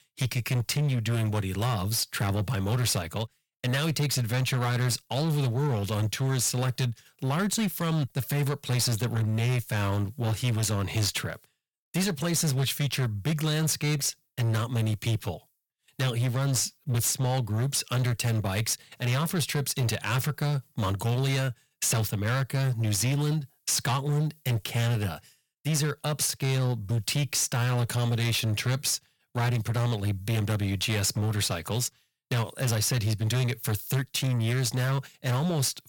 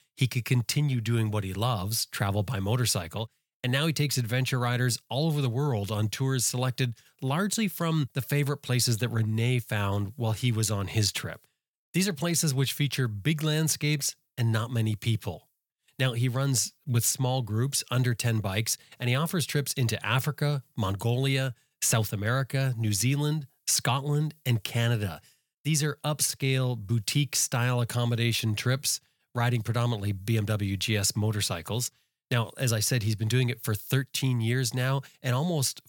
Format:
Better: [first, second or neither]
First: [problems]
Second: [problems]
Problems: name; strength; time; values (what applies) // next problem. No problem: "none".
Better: second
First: distortion; slight; 17% of the sound clipped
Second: none